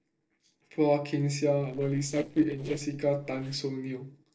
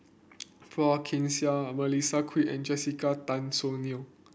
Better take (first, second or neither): second